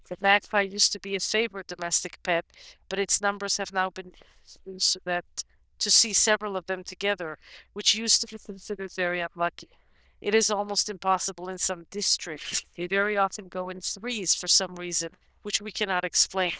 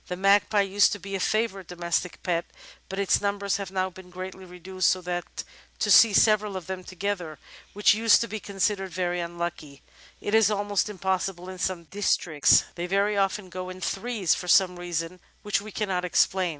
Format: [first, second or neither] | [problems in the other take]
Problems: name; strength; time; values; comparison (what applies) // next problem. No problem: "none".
second | noise reduction (neural diffusion model UNIVERSE++)